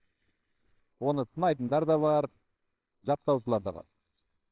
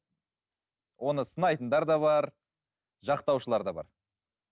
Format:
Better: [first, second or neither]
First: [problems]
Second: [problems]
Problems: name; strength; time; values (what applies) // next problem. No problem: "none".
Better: second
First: noise reduction (neural separator model SepFormer WHAMR!)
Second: none